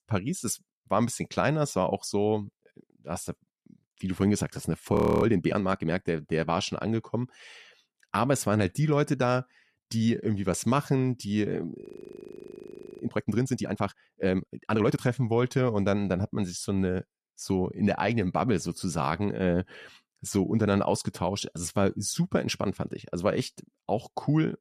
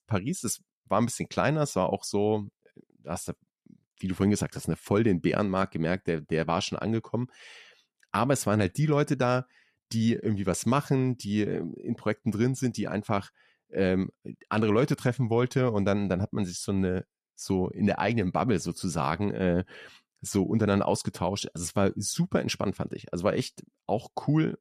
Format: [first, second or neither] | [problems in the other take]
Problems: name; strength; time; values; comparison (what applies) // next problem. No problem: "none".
second | audio freezing; at 5 s and at 12 s for 1 s